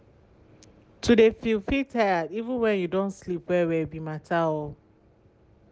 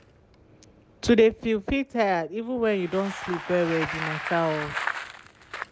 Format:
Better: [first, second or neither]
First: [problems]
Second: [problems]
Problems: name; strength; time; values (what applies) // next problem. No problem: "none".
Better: first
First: none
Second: background sound (Bicycle); 10 dB below the speech